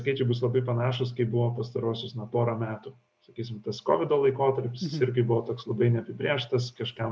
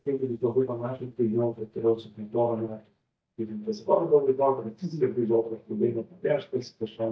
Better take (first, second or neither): first